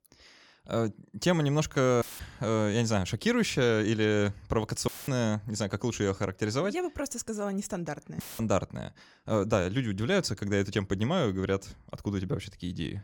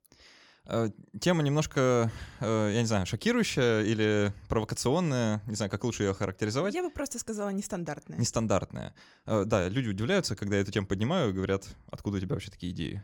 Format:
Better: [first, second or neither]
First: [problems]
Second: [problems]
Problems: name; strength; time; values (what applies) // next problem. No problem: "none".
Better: second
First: audio cutting out; filled with static; at 2 s, at 5 s and at 8 s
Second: none